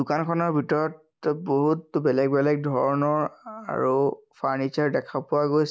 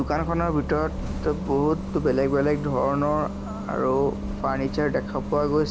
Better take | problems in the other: first | background sound (Bus); 7 dB below the speech

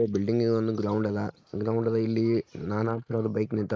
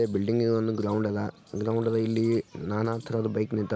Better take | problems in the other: second | noise reduction (neural mask model Resemble Enhance denoiser)

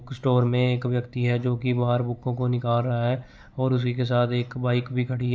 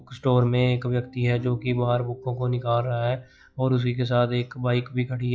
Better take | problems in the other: first | noise reduction (classical method log-MMSE)

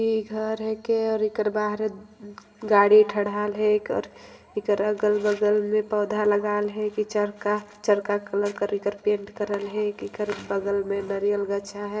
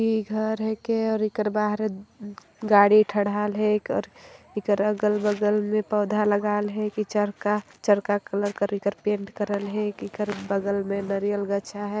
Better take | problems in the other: second | room echo; dies away in 0.5 s

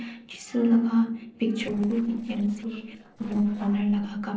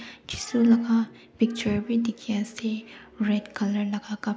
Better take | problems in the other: second | noise reduction (neural separator model SepFormer DNS4)

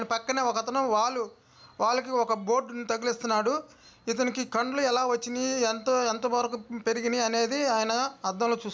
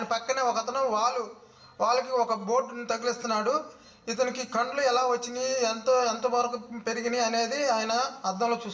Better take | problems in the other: first | room echo; dies away in 0.8 s

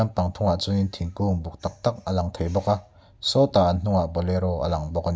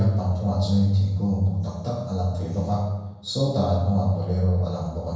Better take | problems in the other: first | room echo; dies away in 1 s

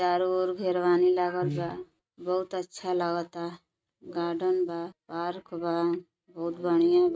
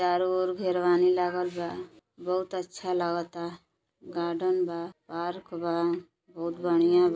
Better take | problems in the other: second | noise reduction (neural mask model RNNoise)

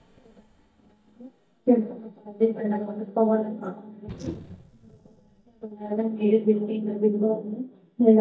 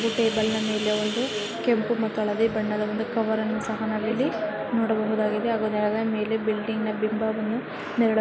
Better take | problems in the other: second | noise reduction (neural mask model DeepFilterNet 3)

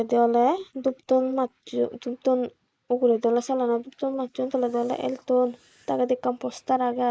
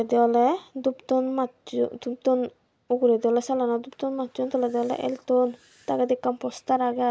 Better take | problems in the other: second | noise reduction (neural mask model Resemble Enhance denoiser)

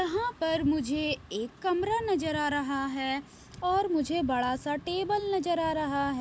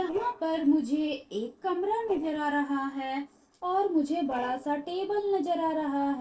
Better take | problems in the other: first | noise reduction (neural separator model SepFormer DNS4)

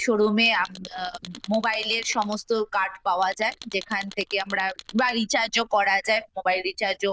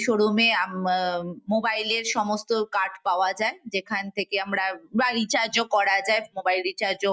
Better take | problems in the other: second | noise reduction (neural diffusion model UNIVERSE++)

